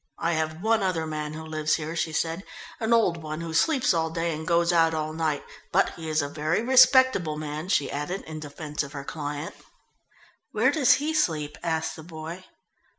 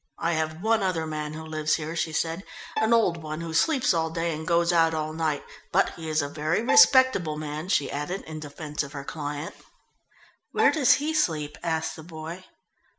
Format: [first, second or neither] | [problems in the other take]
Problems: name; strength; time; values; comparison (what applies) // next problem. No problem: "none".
first | background sound (Bowed string instrument); 10 dB below the speech